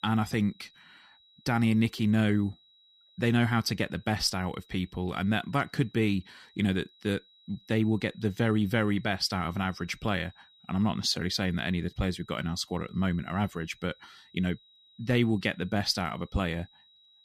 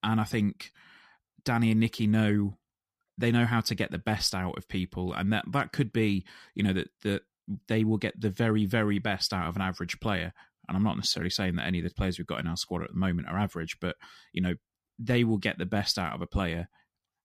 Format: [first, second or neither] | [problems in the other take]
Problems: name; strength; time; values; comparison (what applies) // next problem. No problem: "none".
second | high-pitched whine; faint; throughout; 4 kHz, 30 dB below the speech